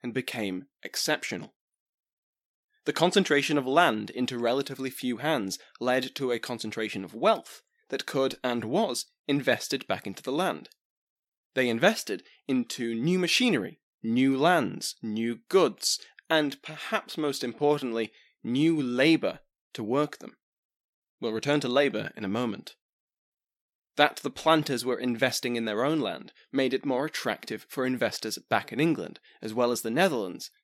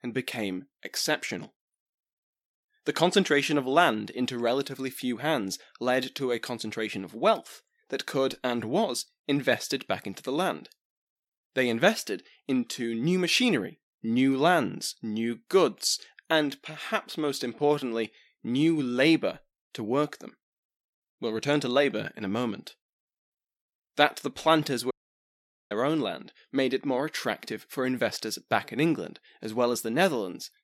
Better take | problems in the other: first | audio cutting out; at 25 s for 1 s

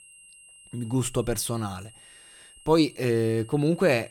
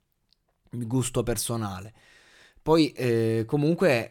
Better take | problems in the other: second | high-pitched whine; faint; throughout; 3 kHz, 25 dB below the speech

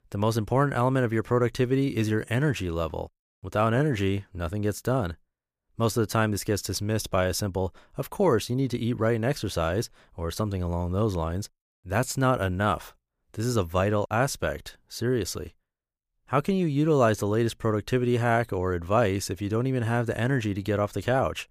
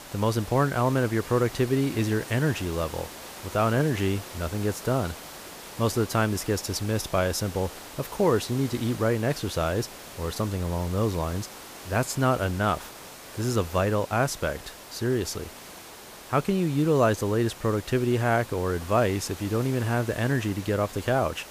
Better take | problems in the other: first | hiss; noticeable; throughout; 15 dB below the speech

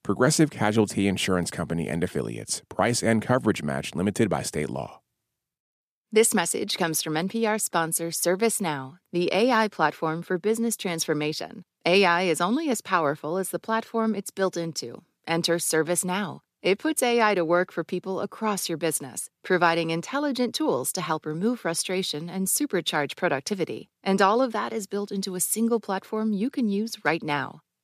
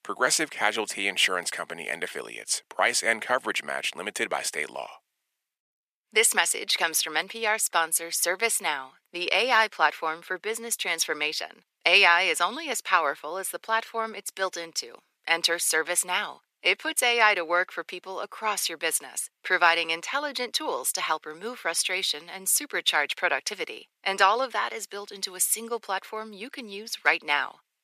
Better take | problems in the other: first | thin; very; fading below 700 Hz

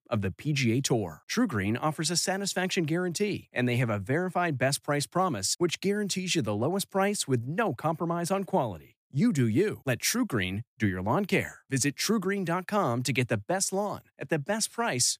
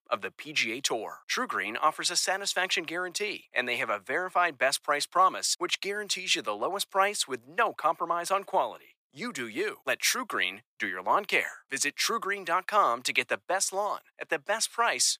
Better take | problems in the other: first | thin; very; fading below 600 Hz

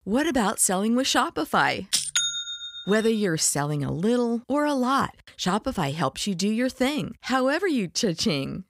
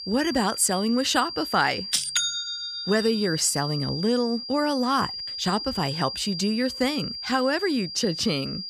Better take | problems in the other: first | high-pitched whine; loud; throughout; 4.5 kHz, 7 dB below the speech

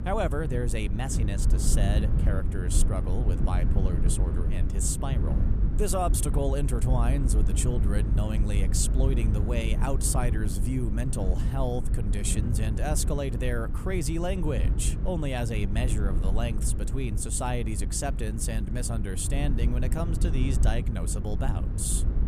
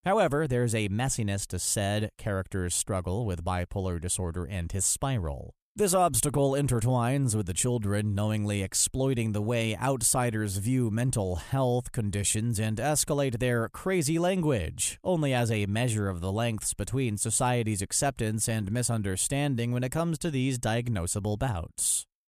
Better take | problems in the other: second | low rumble; loud; throughout; 8 dB below the speech

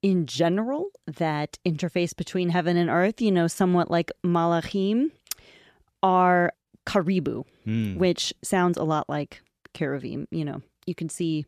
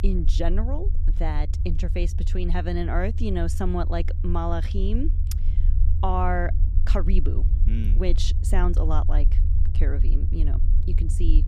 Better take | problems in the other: first | low rumble; noticeable; throughout; 10 dB below the speech

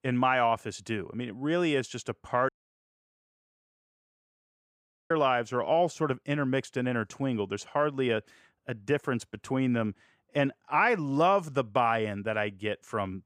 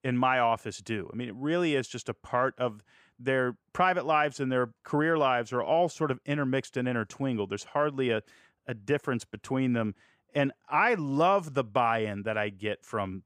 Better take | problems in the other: second | audio cutting out; at 2.5 s for 2.5 s

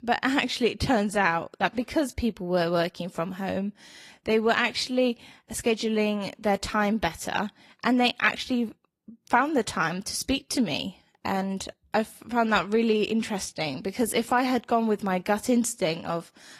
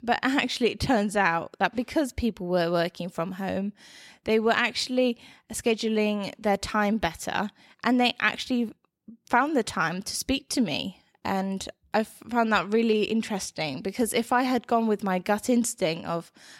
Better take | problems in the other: second | garbled, watery; slightly; nothing above 12.5 kHz

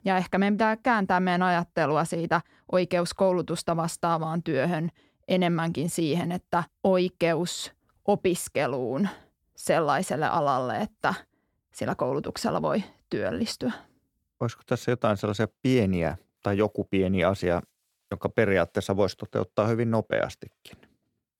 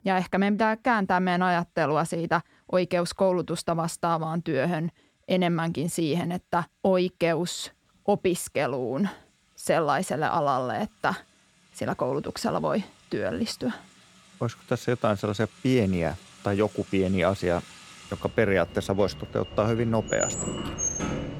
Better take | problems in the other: first | household noises; loud; throughout; 9 dB below the speech

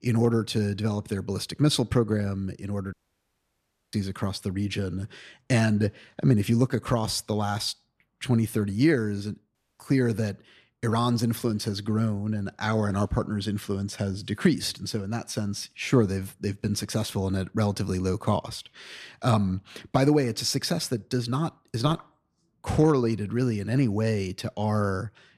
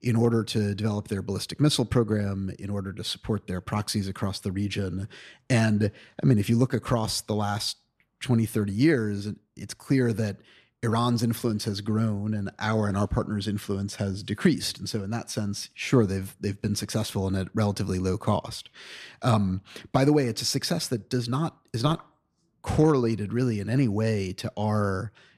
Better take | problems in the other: second | audio cutting out; at 3 s for 1 s and at 9.5 s

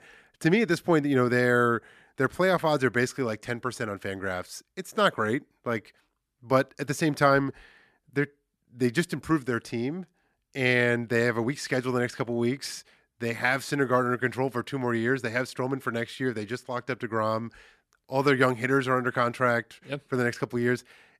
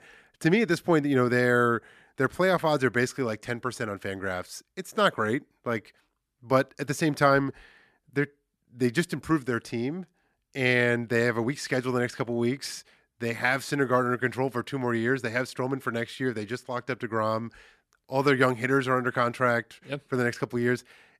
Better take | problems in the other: neither | none

